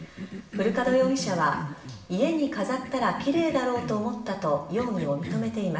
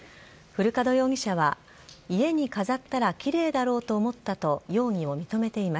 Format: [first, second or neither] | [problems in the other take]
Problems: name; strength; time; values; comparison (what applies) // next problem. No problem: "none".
second | background sound (Cough); 12 dB below the speech // room echo; dies away in 0.8 s